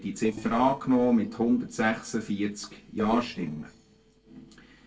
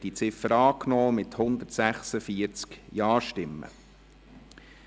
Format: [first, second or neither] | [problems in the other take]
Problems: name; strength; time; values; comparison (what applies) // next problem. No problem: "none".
second | noise reduction (neural separator model SepFormer DNS4)